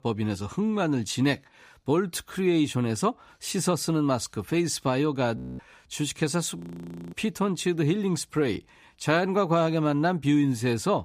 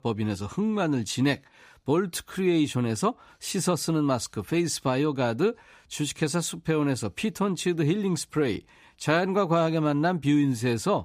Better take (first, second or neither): second